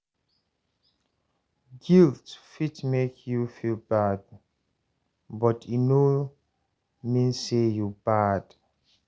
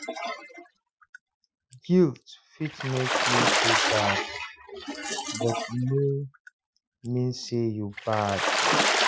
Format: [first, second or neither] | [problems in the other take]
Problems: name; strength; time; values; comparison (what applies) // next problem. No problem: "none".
first | noise reduction (classical method Wiener filter)